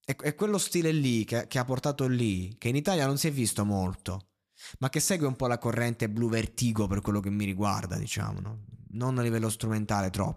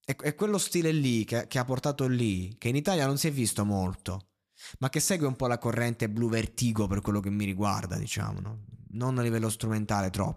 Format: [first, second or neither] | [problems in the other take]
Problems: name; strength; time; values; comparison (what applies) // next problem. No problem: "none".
neither | none